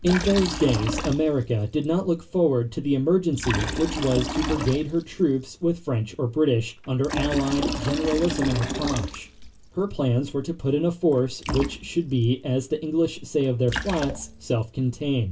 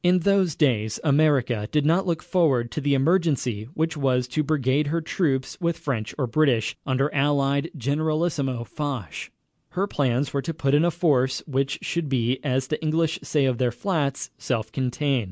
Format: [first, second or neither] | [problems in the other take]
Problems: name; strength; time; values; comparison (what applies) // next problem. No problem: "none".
second | background sound (Liquid); 8 dB below the speech // room echo; dies away in 0.2 s